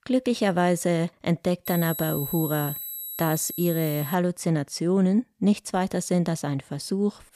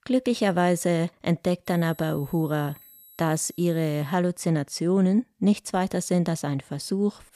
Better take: second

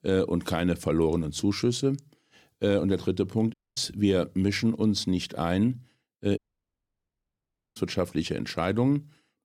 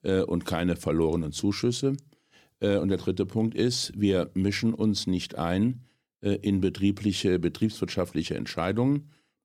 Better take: second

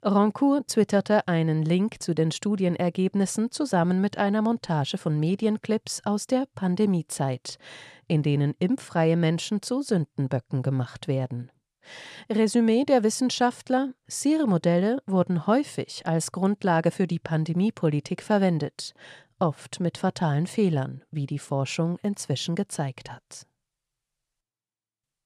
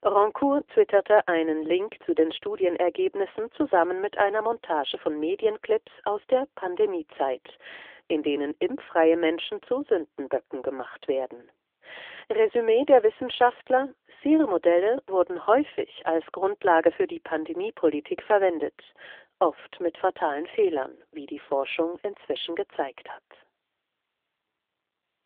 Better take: first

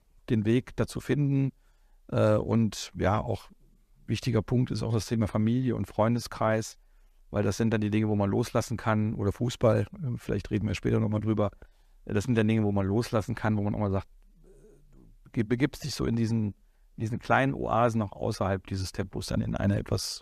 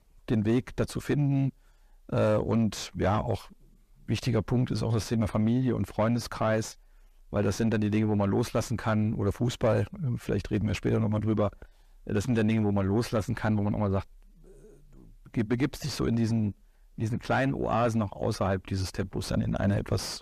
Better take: first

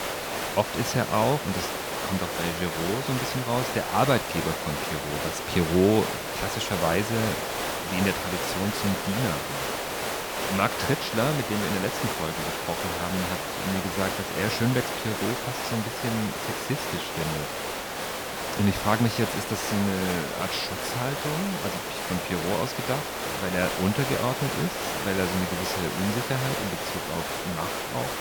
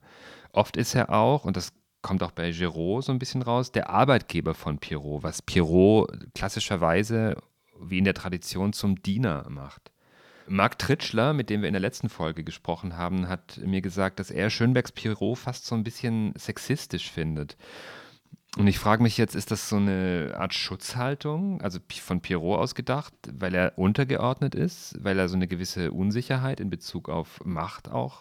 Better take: second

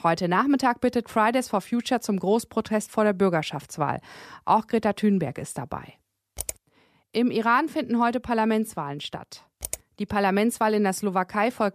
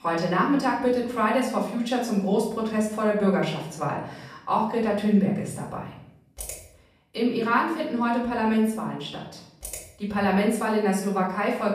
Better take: first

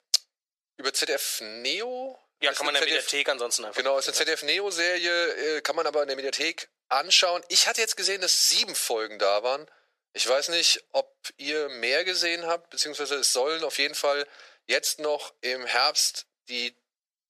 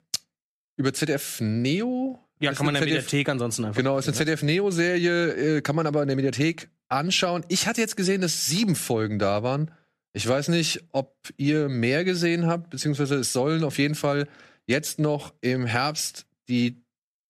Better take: second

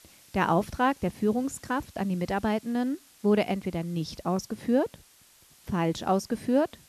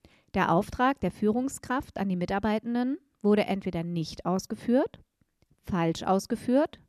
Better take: second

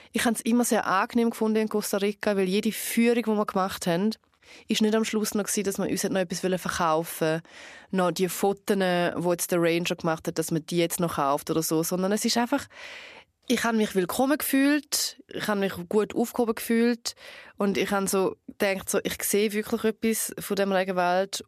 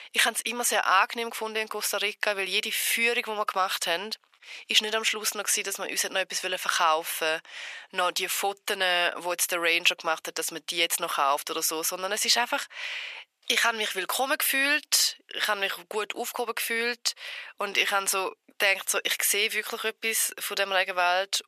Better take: first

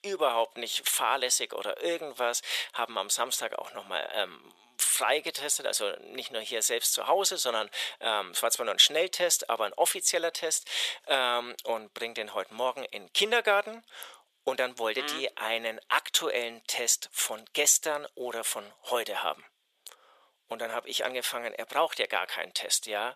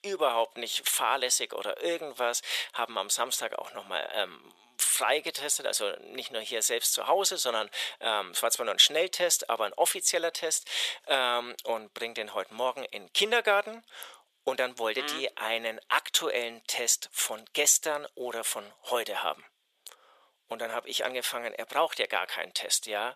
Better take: neither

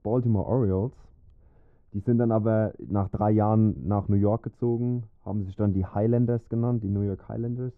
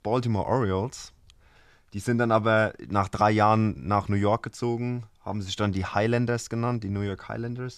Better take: second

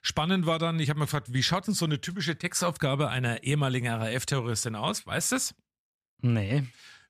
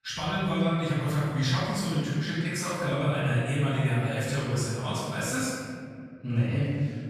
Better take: first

